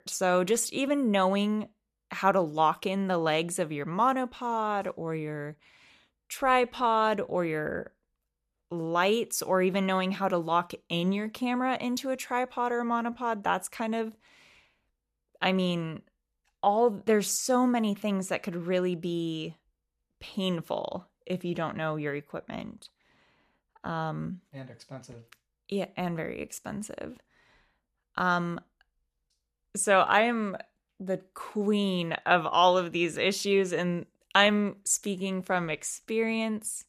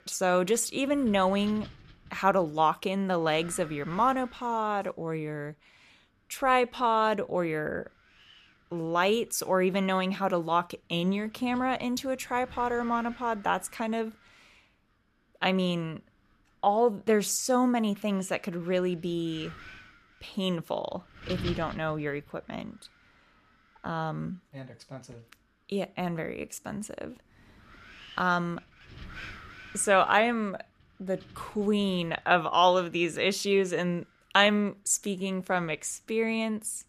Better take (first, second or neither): first